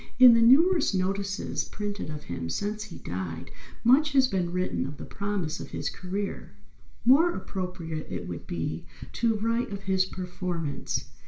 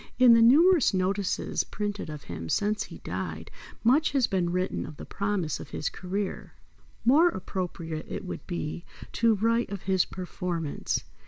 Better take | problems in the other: second | room echo; dies away in 0.4 s

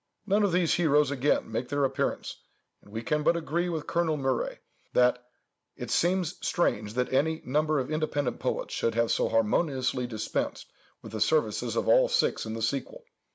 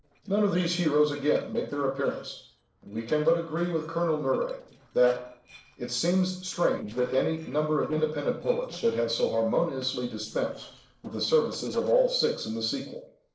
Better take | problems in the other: first | noise reduction (neural separator model SepFormer DNS4)

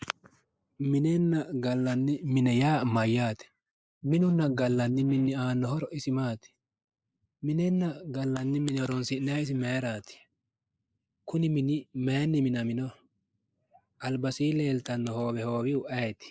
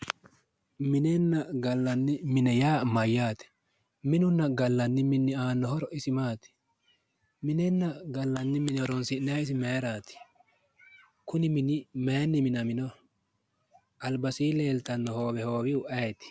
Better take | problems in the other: second | noise reduction (neural mask model Resemble Enhance denoiser)

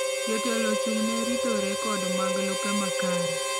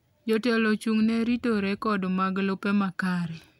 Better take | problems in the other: second | background sound (Harmonica); 3 dB above the speech

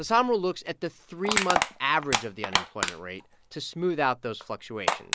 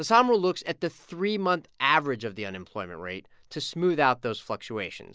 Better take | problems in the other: second | background sound (Crushing); 3 dB below the speech

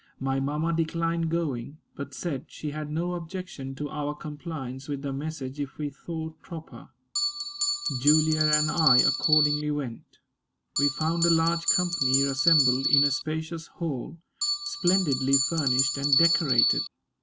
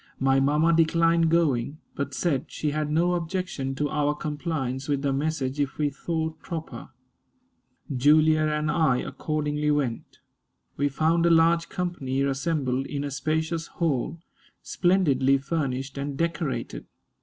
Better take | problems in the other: second | background sound (Bell); 3 dB above the speech

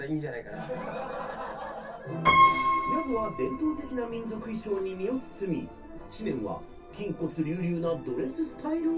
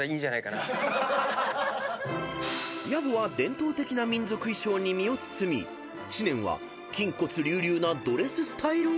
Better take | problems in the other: second | background sound (Piano); as loud as the speech // room echo; dies away in 0.3 s

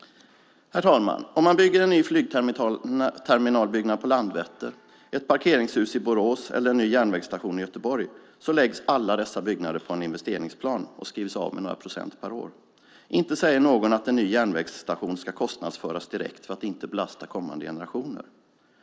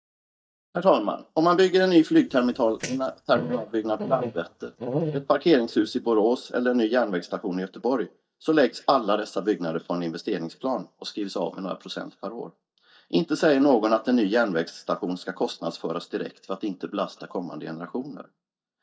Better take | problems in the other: first | noise reduction (neural mask model DeepFilterNet 3)

